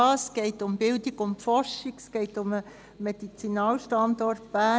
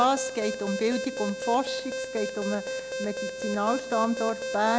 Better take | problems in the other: first | background sound (Alarm); 5 dB below the speech

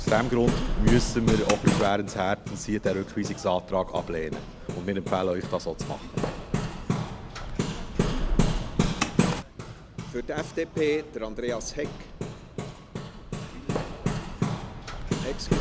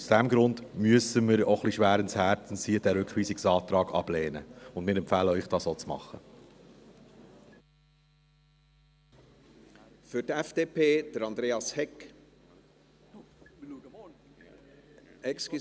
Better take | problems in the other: second | background sound (Hammer); 1 dB above the speech

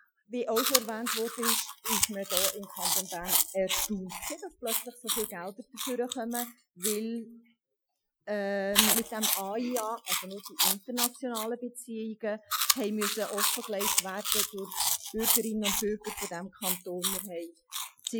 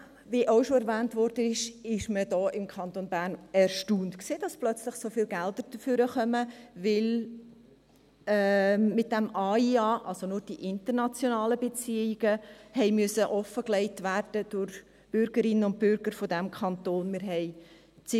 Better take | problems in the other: second | noise reduction (classical method Wiener filter)

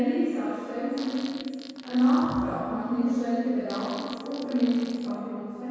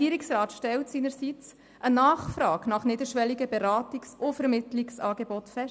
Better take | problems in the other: second | background sound (Fart); 18 dB below the speech // room echo; dies away in 2 s

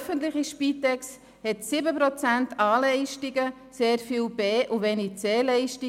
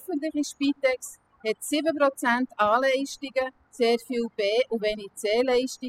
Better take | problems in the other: first | noise reduction (classical method spectral subtraction)

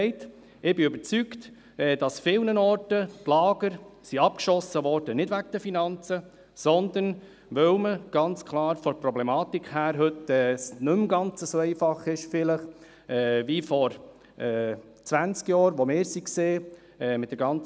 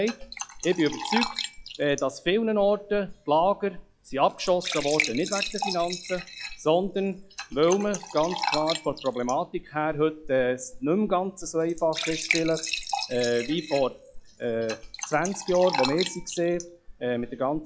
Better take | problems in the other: first | noise reduction (classical method log-MMSE)

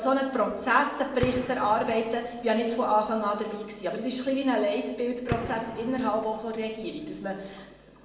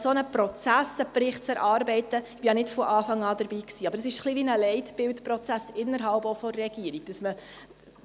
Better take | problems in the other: second | background sound (Gunshot, gunfire); 12 dB below the speech // room echo; dies away in 0.8 s

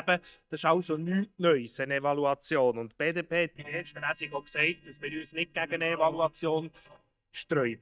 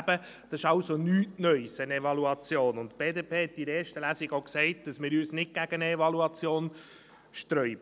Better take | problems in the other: second | noise reduction (neural mask model DeepFilterNet 3)

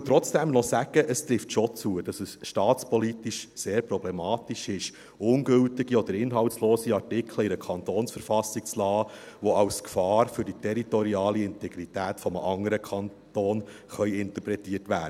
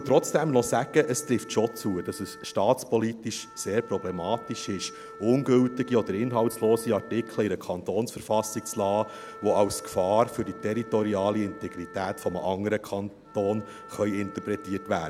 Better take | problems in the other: first | background sound (Wind instrument, woodwind instrument); 18 dB below the speech

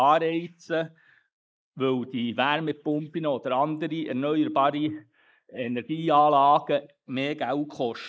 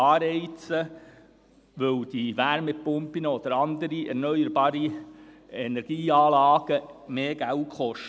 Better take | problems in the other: second | noise reduction (neural mask model Resemble Enhance denoiser)

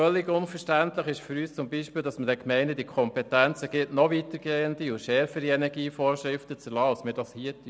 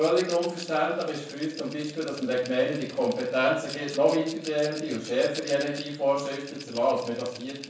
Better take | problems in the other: first | background sound (Rattle); 16 dB below the speech // room echo; dies away in 0.6 s

